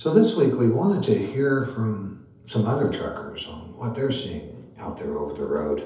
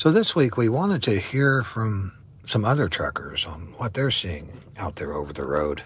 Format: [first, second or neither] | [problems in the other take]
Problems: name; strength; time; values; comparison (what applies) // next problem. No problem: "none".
second | room echo; dies away in 2.2 s